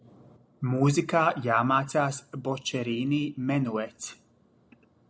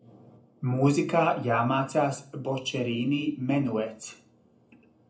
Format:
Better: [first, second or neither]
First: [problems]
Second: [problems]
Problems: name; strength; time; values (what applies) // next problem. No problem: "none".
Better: first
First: none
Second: room echo; dies away in 0.3 s